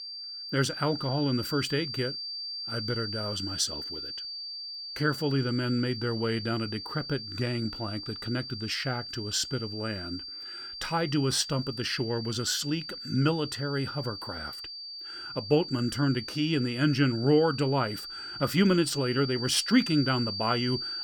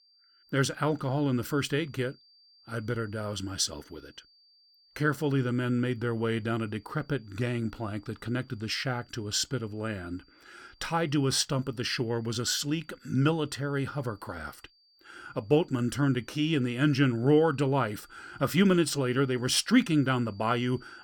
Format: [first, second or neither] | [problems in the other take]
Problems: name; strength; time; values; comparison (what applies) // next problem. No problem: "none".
second | high-pitched whine; loud; throughout; 4.5 kHz, 7 dB below the speech; faint in the second